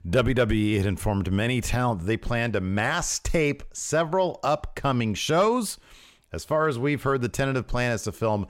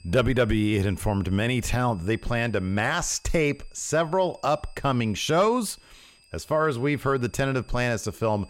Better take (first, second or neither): first